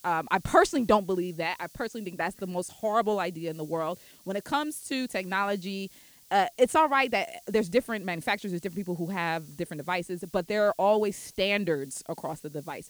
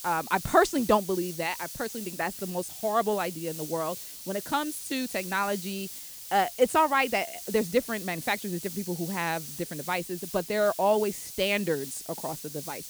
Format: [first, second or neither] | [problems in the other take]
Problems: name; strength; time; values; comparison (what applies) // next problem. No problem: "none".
first | hiss; loud; throughout; 10 dB below the speech; faint in the first